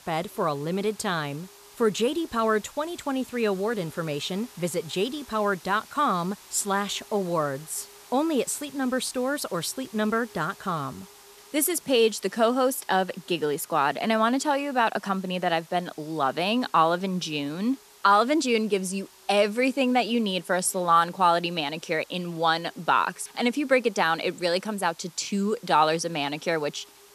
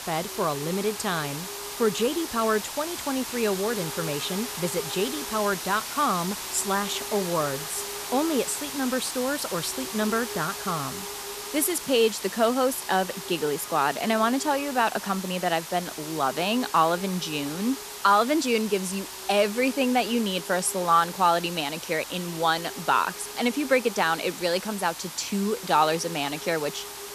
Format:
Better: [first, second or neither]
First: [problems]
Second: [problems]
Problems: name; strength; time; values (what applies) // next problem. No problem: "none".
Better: first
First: hiss; faint; throughout; 25 dB below the speech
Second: hiss; loud; throughout; 8 dB below the speech